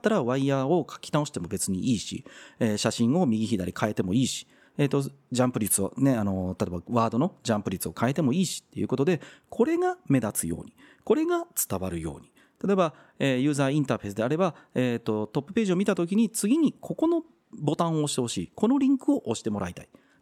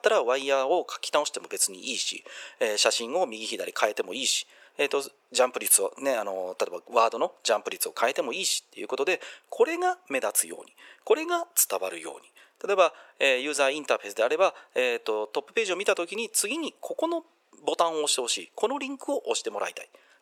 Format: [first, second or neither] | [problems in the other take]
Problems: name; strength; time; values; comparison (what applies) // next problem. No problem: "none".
first | thin; very; fading below 500 Hz